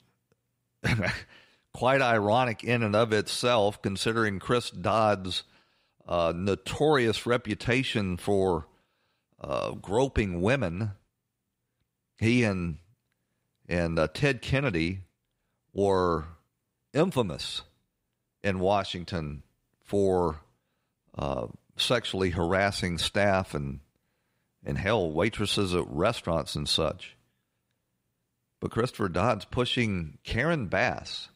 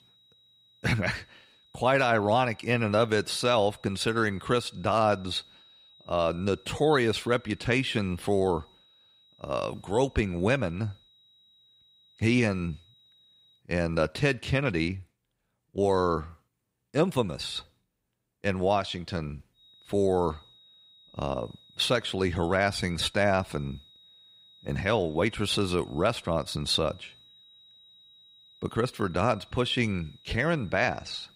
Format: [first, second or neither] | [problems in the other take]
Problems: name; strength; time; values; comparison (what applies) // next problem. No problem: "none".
first | high-pitched whine; faint; until 14 s and from 20 s on; 4 kHz, 30 dB below the speech